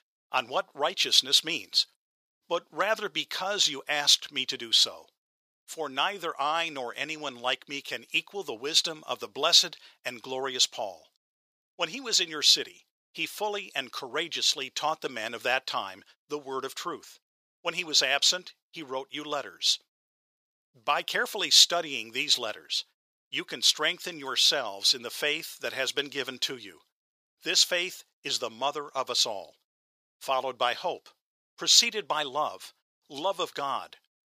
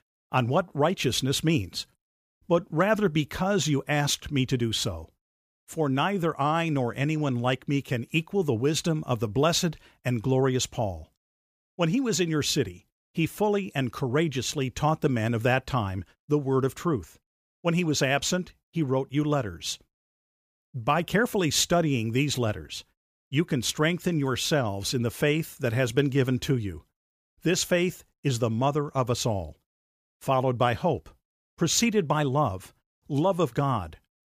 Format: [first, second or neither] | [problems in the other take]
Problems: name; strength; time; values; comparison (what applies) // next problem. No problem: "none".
second | thin; very; fading below 650 Hz